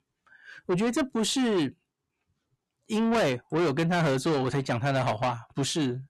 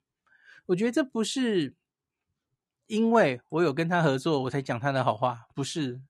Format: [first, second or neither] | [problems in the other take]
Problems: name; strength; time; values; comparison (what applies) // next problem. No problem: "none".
second | distortion; heavy; 7 dB below the speech